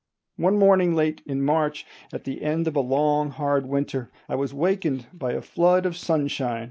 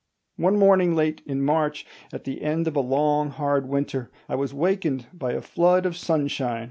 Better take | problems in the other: second | noise reduction (neural mask model Resemble Enhance denoiser)

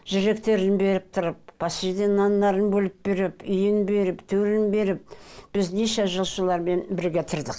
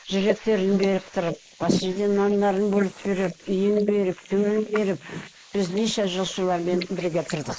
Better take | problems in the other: first | noise reduction (neural mask model Resemble Enhance denoiser)

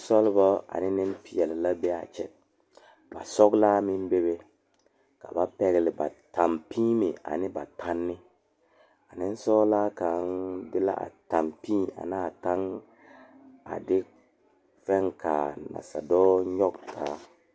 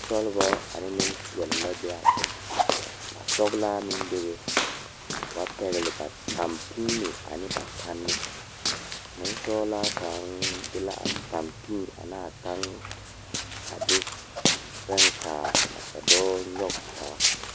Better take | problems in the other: first | background sound (Walk, footsteps); 3 dB above the speech

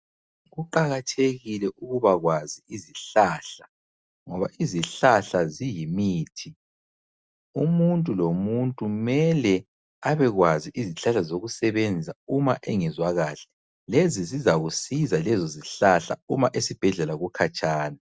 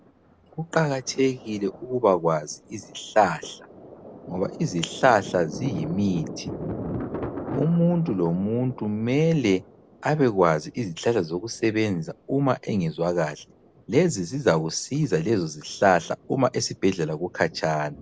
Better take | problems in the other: first | background sound (Thunder); 14 dB below the speech

